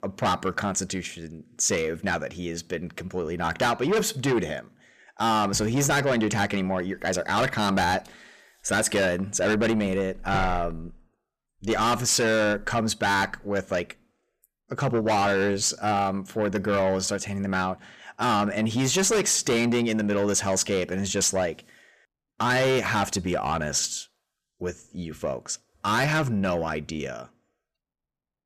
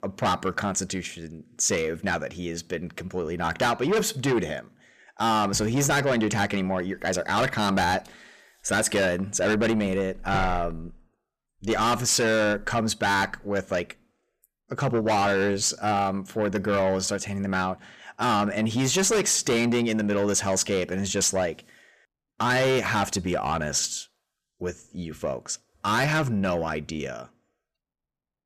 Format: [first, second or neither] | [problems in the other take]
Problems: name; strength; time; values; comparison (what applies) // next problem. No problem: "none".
neither | distortion; heavy; 6 dB below the speech; the same in both